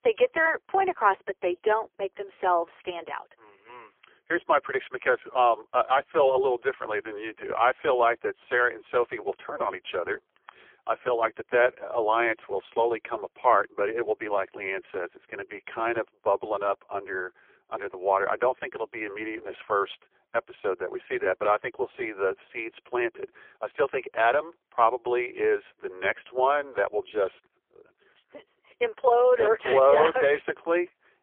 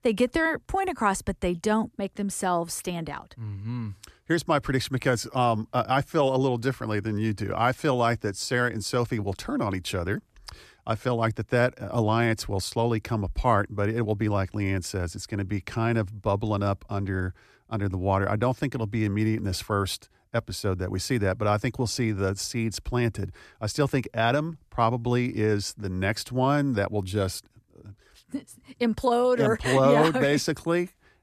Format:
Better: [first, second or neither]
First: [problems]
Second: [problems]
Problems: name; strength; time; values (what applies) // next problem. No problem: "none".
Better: second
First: phone-call audio; poor line; nothing above 3.5 kHz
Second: none